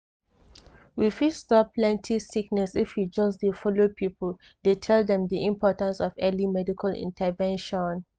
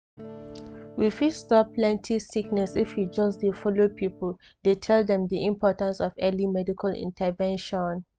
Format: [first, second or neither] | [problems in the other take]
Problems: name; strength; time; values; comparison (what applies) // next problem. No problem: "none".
first | background sound (Electric guitar / Strum); 18 dB below the speech